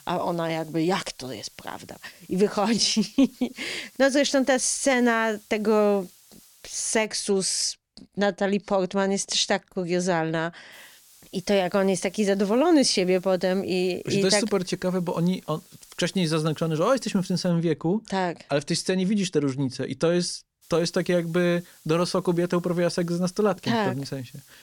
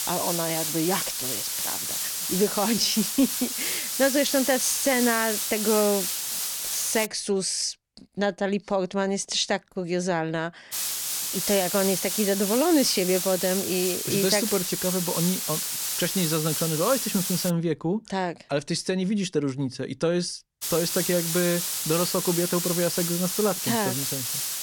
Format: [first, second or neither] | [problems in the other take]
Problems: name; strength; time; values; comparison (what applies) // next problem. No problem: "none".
first | hiss; loud; until 7 s, from 11 to 18 s and from 21 s on; 1 dB below the speech; faint in the first